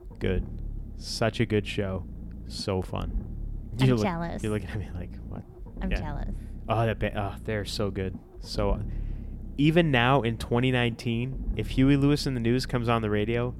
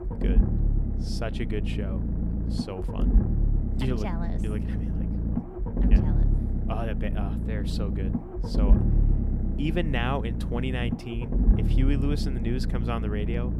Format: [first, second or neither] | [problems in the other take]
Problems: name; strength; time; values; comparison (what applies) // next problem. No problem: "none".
first | low rumble; loud; throughout; 3 dB below the speech; faint in the first